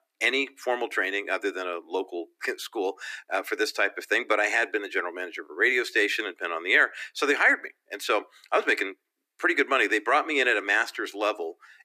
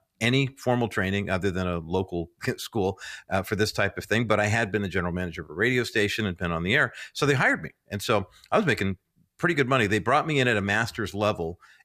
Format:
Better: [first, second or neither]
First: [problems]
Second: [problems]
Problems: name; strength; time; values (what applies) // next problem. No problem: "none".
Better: second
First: thin; very; fading below 300 Hz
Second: none